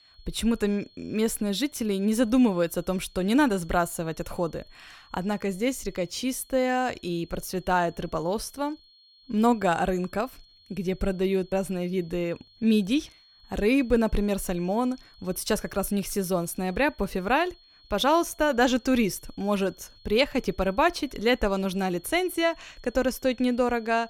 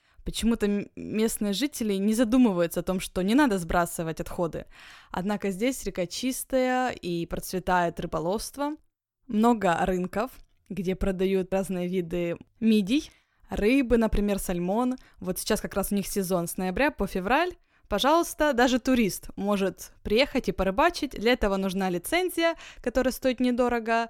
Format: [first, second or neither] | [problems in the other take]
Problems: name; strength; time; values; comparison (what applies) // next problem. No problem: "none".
second | high-pitched whine; faint; throughout; 4.5 kHz, 30 dB below the speech